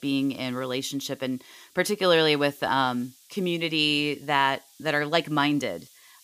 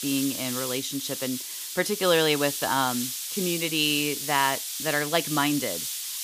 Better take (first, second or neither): first